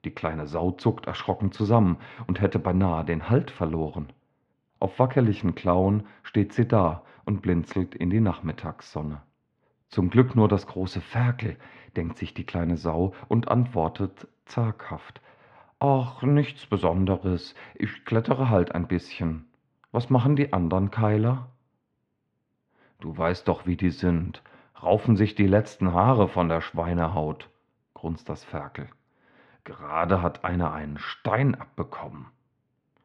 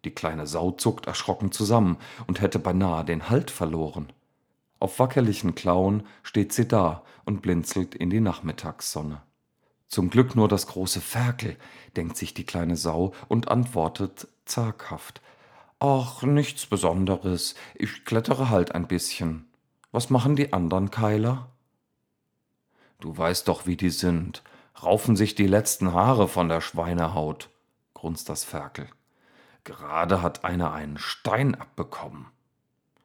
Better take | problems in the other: second | muffled; very; fading above 3 kHz

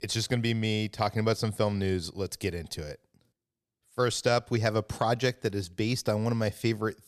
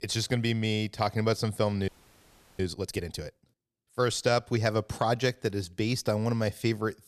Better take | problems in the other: first | audio freezing; at 2 s for 0.5 s

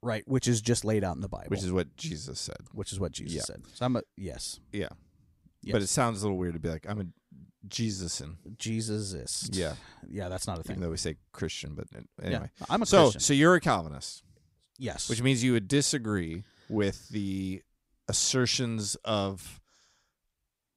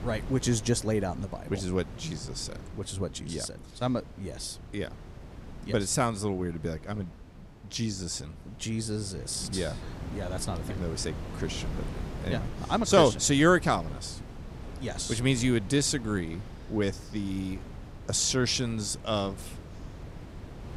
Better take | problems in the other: first | wind noise on the microphone; occasional gusts; 20 dB below the speech

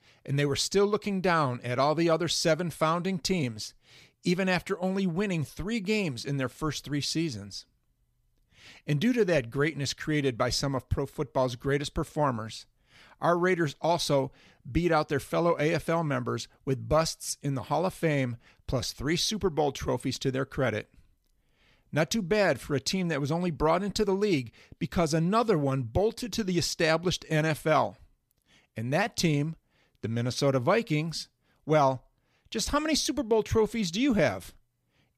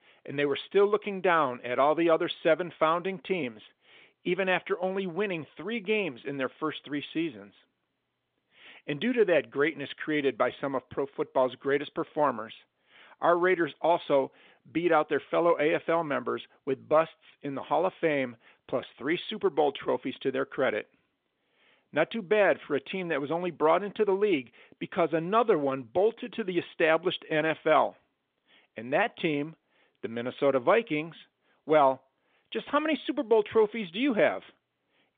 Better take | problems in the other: first | phone-call audio

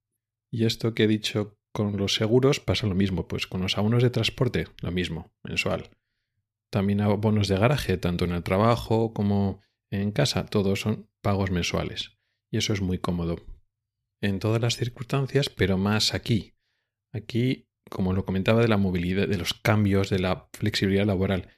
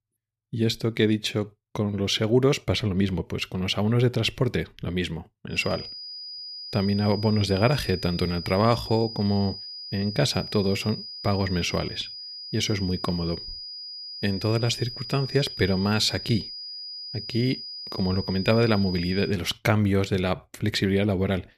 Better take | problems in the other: first | high-pitched whine; loud; from 5.5 to 19 s; 5 kHz, 10 dB below the speech

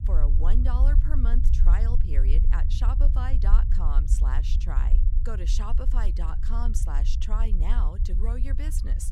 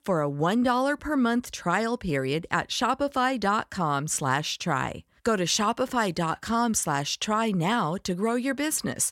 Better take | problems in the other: second | low rumble; loud; throughout; 6 dB below the speech

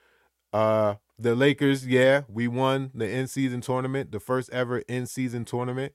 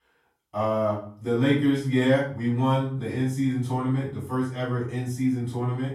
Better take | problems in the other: first | off-mic speech; far // room echo; noticeable; dies away in 0.5 s

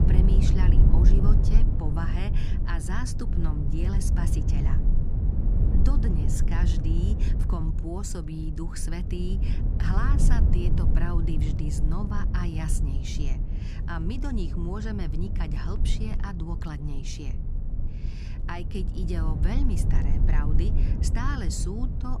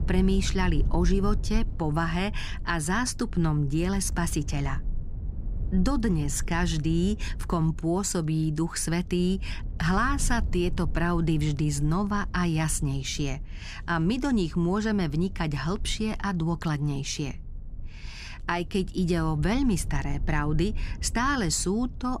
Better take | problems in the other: second | low rumble; loud; throughout; 3 dB below the speech; faint in the second

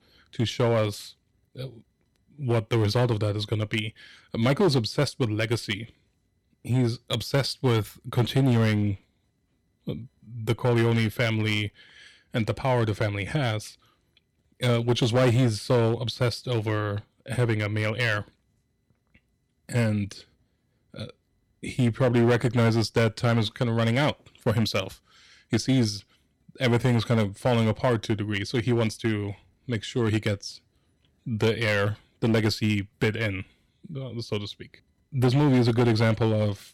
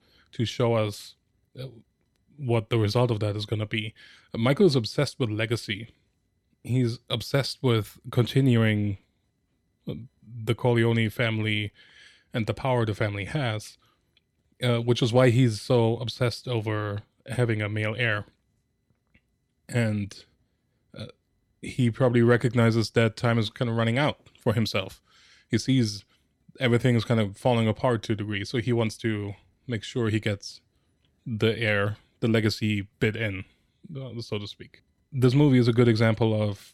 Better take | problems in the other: second | distortion; slight; 5% of the sound clipped

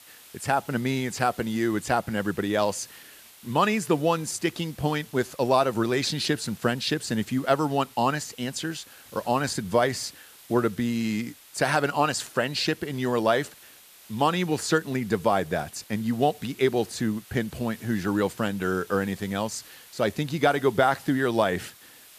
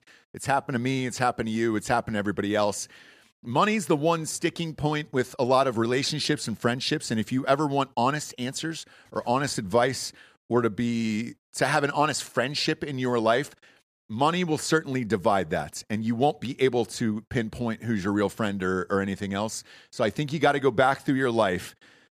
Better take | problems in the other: second | hiss; faint; throughout; 20 dB below the speech

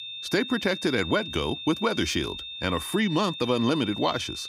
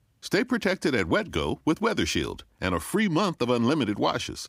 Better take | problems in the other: second | high-pitched whine; loud; throughout; 3.5 kHz, 8 dB below the speech

